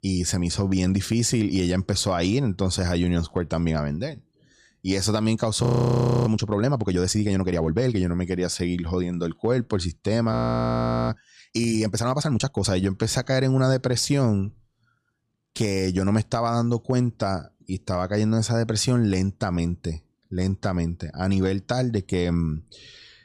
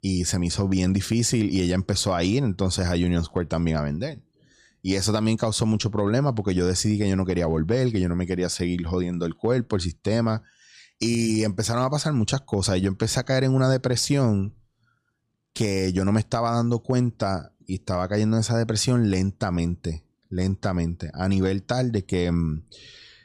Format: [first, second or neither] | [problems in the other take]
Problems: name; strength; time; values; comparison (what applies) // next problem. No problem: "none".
second | audio freezing; at 5.5 s for 0.5 s and at 10 s for 1 s